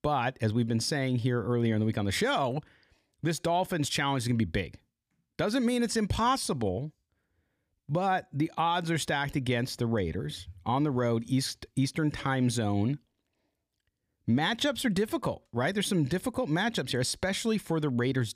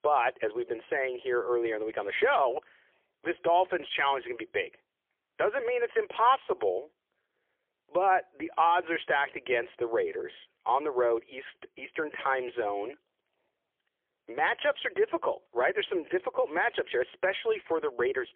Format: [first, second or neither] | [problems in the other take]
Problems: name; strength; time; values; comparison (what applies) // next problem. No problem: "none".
first | phone-call audio; poor line; nothing above 3.5 kHz